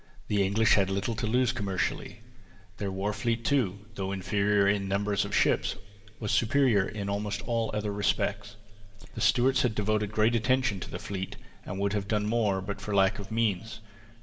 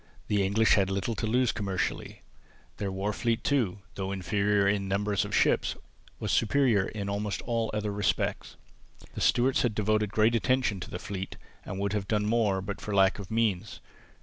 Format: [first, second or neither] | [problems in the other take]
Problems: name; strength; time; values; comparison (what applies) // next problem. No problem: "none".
second | room echo; dies away in 1.7 s